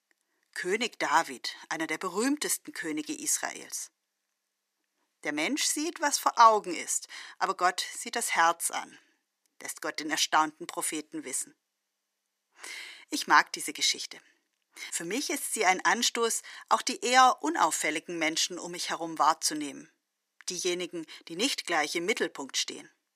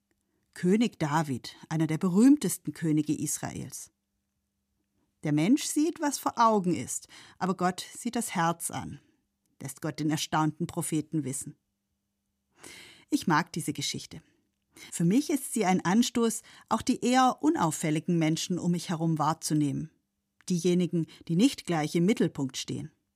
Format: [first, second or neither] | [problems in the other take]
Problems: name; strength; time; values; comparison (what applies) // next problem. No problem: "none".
second | thin; very; fading below 450 Hz